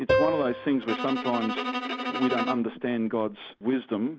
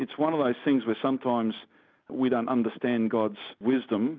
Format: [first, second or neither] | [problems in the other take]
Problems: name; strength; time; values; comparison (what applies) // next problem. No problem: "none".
second | background sound (Piano + Bowed string instrument); 1 dB below the speech